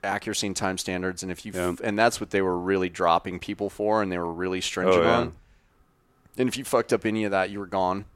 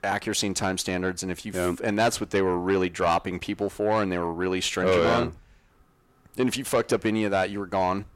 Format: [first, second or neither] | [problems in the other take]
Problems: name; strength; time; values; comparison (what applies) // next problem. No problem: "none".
first | distortion; slight; 10 dB below the speech